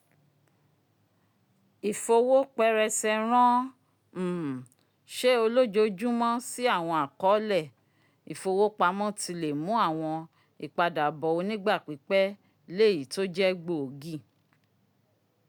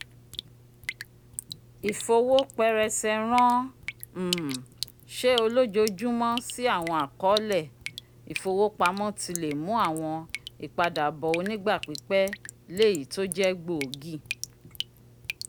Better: first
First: none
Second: background sound (Drip); 12 dB below the speech

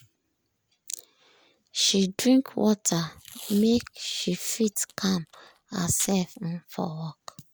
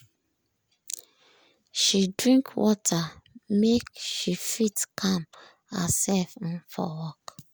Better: second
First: background sound (Packing tape, duct tape); 19 dB below the speech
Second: none

